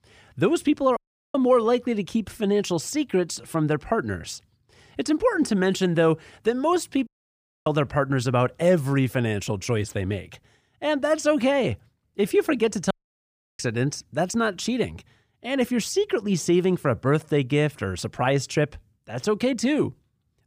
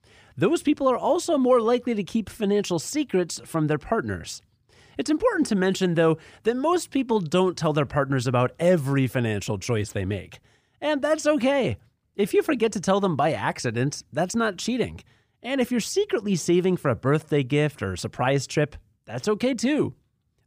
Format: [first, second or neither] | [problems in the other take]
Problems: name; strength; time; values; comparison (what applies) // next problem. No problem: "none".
second | audio cutting out; at 1 s, at 7 s for 0.5 s and at 13 s for 0.5 s